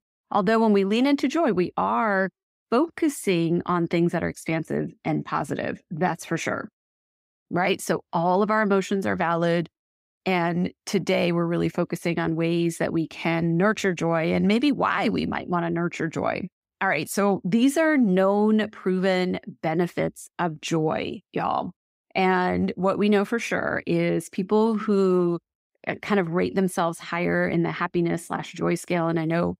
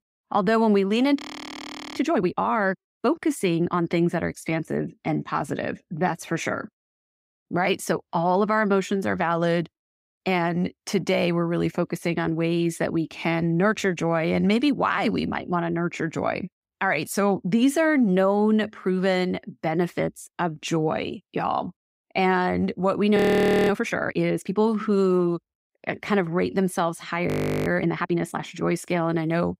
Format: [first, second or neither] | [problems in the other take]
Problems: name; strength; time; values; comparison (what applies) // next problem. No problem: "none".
first | audio freezing; at 1 s for 1 s, at 23 s for 0.5 s and at 27 s